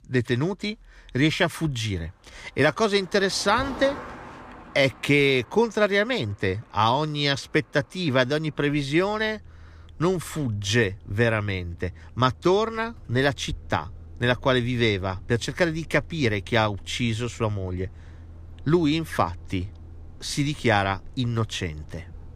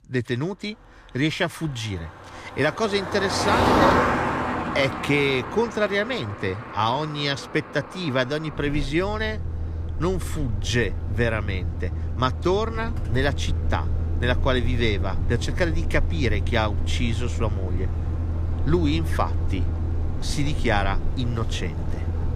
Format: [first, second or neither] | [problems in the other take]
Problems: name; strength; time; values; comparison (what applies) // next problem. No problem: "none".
first | traffic noise; loud; throughout; 1 dB below the speech; faint in the first